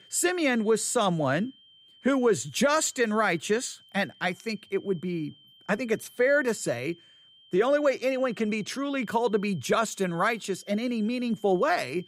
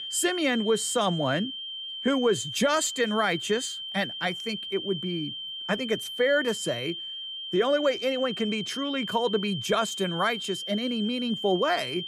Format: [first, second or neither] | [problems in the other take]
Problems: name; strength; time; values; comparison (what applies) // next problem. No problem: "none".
first | high-pitched whine; loud; throughout; 3 kHz, 6 dB below the speech; faint in the first